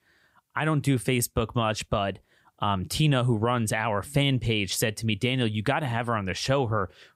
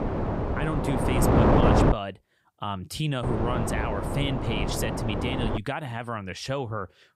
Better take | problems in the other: first | wind noise on the microphone; heavy; until 2 s and from 3 to 5.5 s; 4 dB above the speech

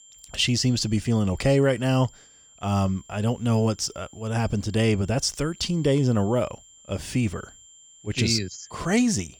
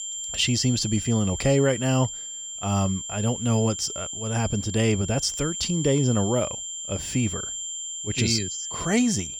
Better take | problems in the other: first | high-pitched whine; loud; throughout; 7.5 kHz, 6 dB below the speech; faint in the first

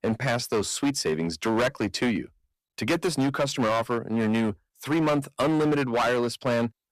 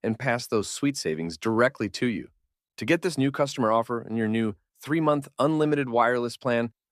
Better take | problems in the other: second | distortion; heavy; 15% of the sound clipped

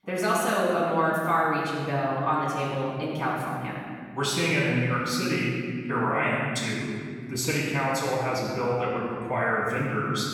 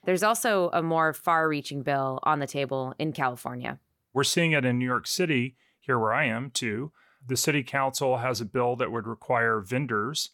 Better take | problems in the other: second | off-mic speech; far // room echo; strong; dies away in 1.9 s

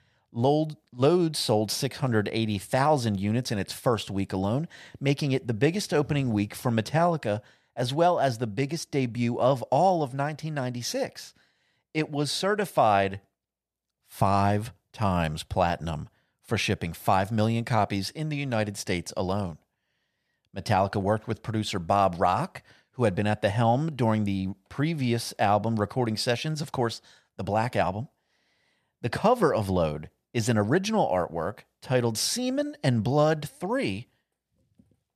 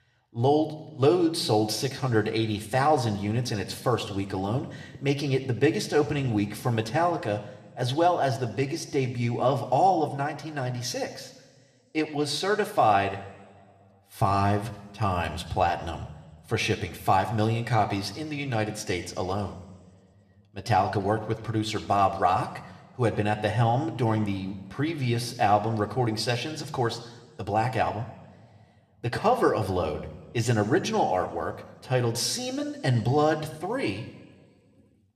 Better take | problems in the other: first | room echo; very slight; dies away in 1.2 s

